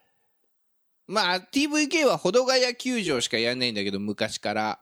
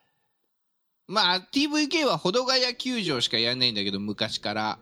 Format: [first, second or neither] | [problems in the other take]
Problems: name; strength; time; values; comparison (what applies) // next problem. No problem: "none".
first | room echo; slight; dies away in 3 s